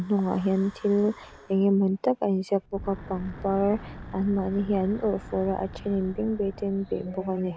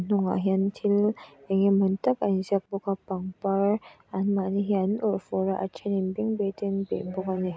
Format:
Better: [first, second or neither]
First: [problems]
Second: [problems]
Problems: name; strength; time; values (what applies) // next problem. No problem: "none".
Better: second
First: background sound (Wind / Breathing); 17 dB below the speech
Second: none